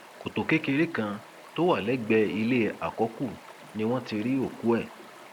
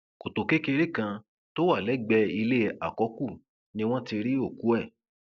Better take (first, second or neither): second